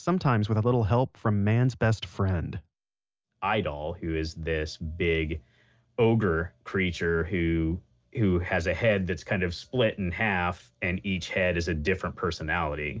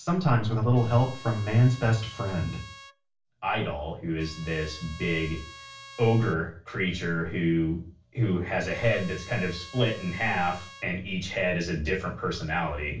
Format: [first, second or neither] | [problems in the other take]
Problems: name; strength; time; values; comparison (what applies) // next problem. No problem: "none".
first | background sound (Trumpet); 19 dB below the speech // room echo; dies away in 0.4 s